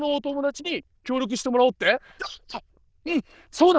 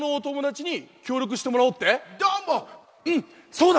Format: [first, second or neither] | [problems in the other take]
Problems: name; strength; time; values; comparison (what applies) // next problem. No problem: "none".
second | noise reduction (neural diffusion model UNIVERSE++)